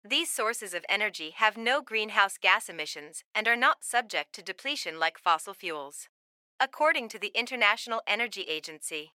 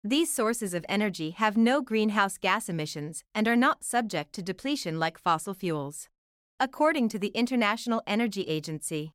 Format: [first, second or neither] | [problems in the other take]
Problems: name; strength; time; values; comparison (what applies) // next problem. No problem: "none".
second | thin; very; fading below 600 Hz